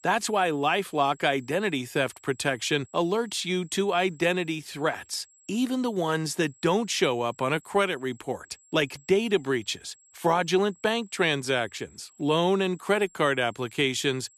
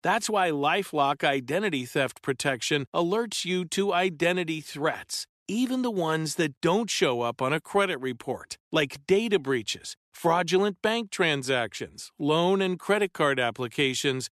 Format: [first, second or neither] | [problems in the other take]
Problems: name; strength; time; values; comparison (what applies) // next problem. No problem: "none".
second | high-pitched whine; faint; throughout; 7.5 kHz, 30 dB below the speech